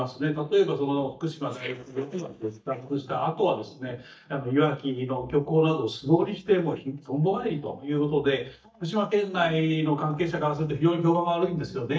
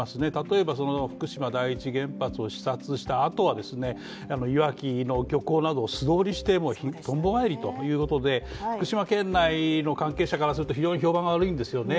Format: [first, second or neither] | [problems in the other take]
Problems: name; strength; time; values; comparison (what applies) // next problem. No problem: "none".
second | noise reduction (neural mask model DeepFilterNet 3)